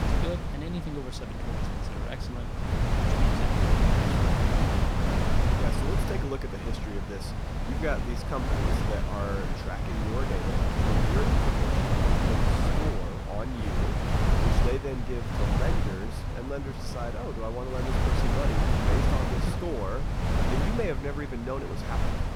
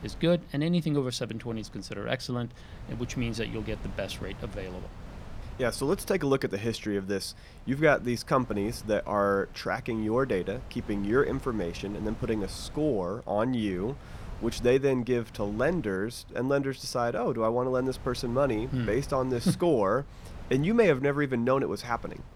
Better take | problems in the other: second | wind noise on the microphone; heavy; 4 dB above the speech; occasional gusts in the second

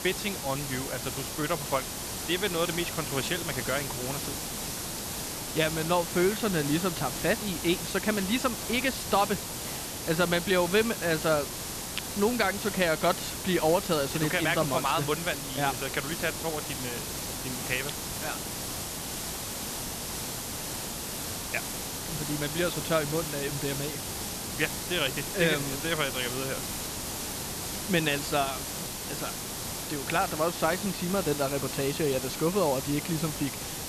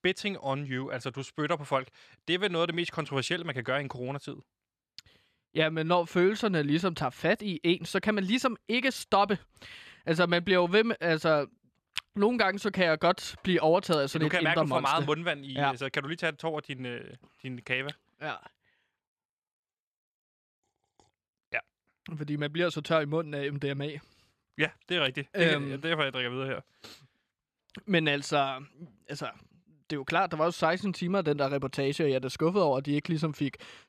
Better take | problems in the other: second | hiss; loud; throughout; 4 dB below the speech

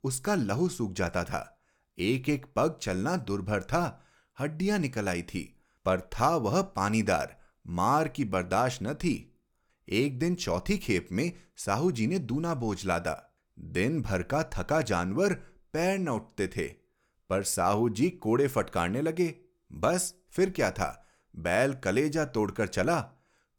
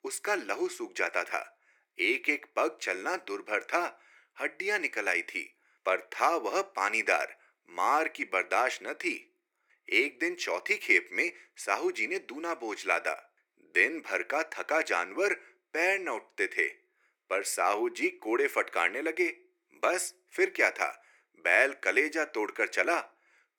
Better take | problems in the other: first | thin; very; fading below 350 Hz

